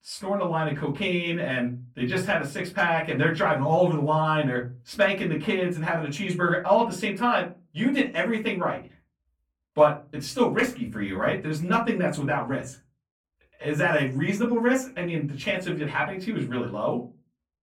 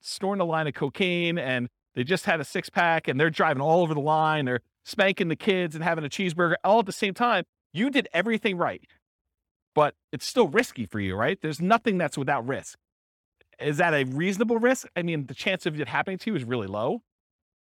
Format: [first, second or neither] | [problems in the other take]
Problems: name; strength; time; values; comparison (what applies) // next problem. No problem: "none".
second | off-mic speech; far // room echo; very slight; dies away in 0.3 s